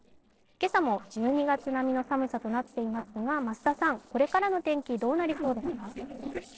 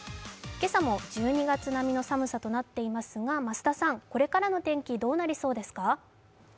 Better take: second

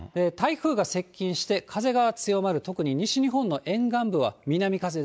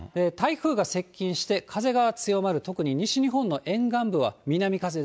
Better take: second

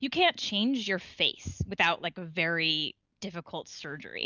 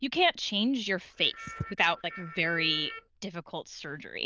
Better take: first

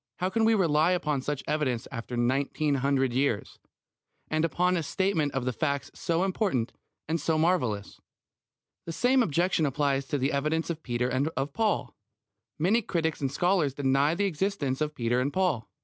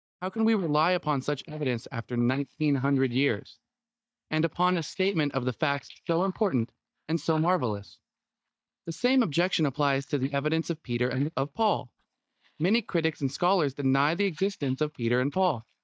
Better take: first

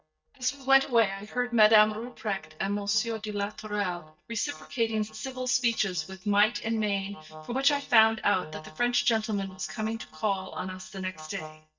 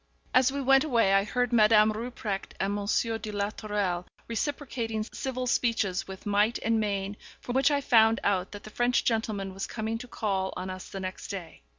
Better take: second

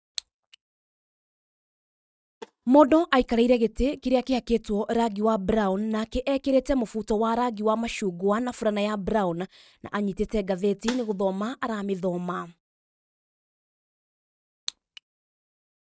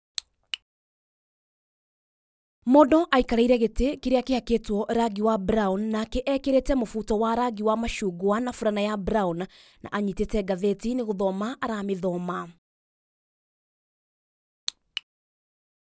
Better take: second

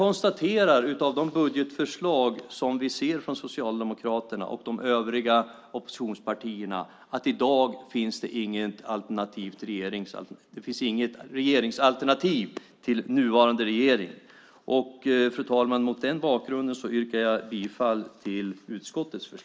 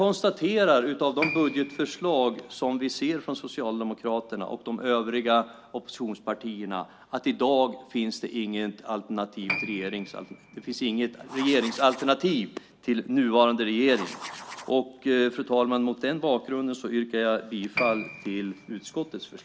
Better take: first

